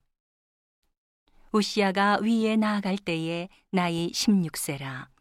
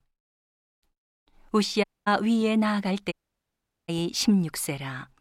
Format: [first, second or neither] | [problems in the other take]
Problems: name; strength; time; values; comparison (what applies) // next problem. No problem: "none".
first | audio cutting out; at 2 s and at 3 s for 1 s